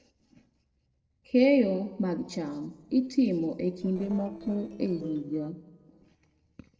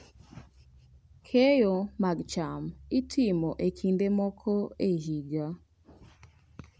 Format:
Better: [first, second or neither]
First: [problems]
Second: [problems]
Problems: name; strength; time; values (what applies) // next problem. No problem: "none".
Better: second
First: noise reduction (neural separator model SepFormer DNS4)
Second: none